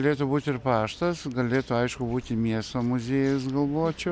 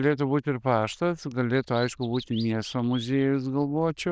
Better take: first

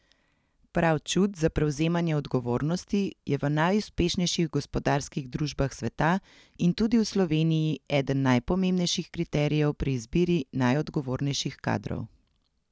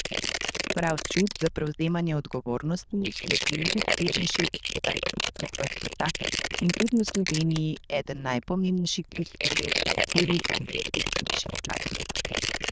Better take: first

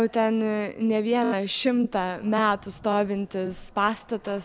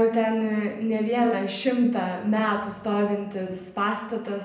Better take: first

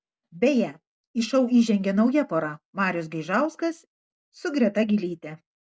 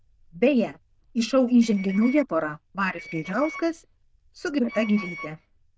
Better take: first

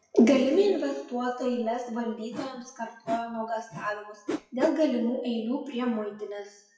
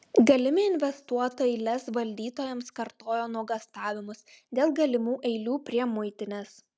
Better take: second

